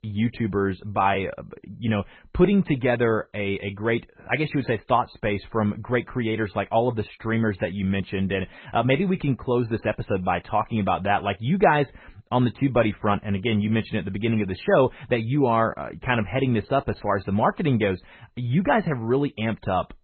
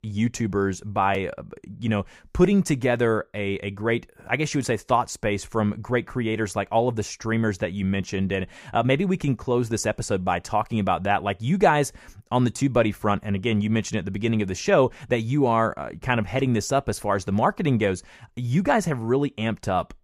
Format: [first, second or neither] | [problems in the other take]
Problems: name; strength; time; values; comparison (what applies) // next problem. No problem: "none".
second | garbled, watery; badly; nothing above 3.5 kHz